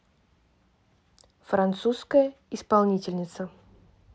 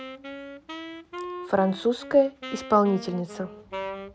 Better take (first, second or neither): first